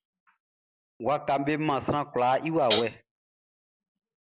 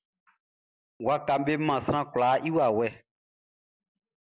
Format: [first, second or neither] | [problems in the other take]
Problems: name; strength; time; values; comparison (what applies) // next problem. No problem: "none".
second | background sound (Hi-hat); 1 dB below the speech